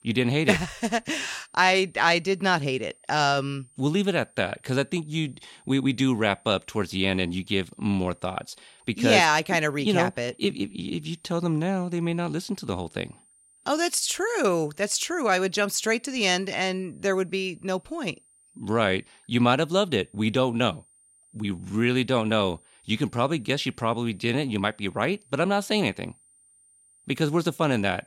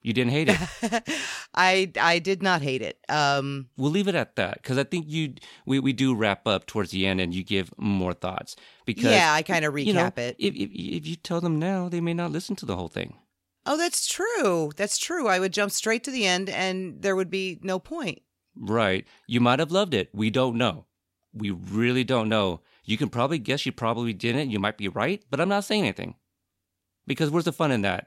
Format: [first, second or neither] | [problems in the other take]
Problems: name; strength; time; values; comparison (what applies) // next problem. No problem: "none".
second | high-pitched whine; faint; throughout; 9 kHz, 30 dB below the speech